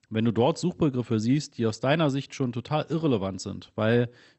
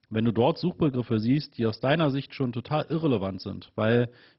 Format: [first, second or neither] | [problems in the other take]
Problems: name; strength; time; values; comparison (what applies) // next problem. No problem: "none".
first | garbled, watery; badly; nothing above 5.5 kHz; slightly in the first